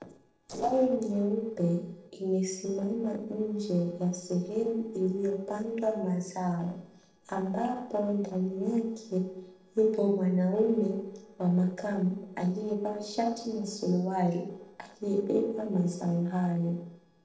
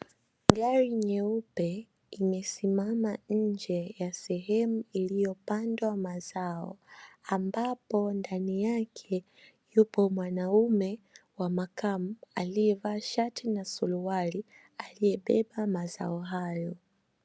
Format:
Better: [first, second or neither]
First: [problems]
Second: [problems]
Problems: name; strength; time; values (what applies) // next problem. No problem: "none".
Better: second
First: noise reduction (neural separator model SepFormer DNS4)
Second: none